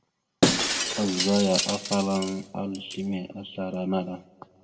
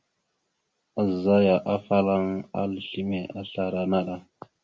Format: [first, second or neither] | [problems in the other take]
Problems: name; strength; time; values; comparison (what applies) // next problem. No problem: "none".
second | background sound (Shatter); 1 dB below the speech // room echo; dies away in 1.1 s